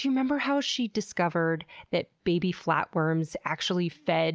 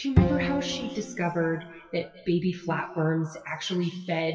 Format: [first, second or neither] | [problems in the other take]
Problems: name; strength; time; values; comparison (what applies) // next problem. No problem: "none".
first | noise reduction (classical method WPE with log-MMSE)